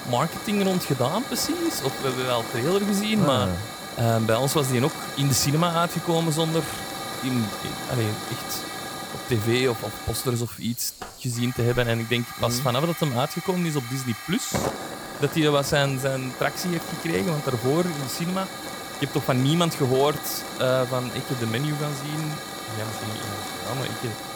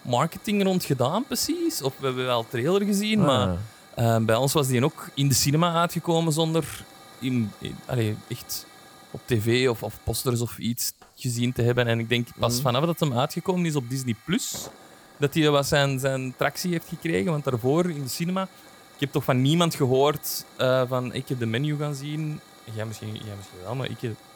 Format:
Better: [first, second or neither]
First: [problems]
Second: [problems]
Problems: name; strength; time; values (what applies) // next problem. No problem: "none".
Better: second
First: hiss; loud; throughout; 8 dB below the speech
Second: hiss; faint; throughout; 25 dB below the speech